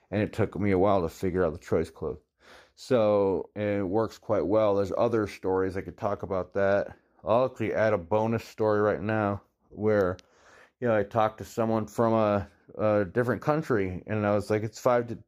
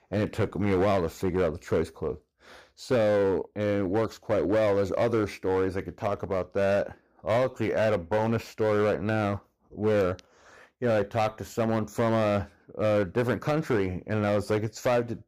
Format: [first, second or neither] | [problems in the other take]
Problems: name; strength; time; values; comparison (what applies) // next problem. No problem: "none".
first | distortion; slight; 8% of the sound clipped